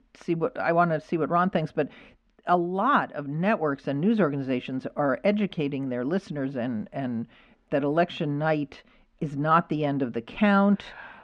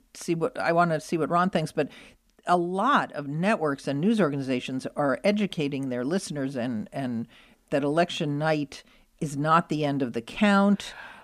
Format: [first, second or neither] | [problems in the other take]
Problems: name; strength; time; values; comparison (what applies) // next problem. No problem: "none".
second | muffled; slightly; fading above 2.5 kHz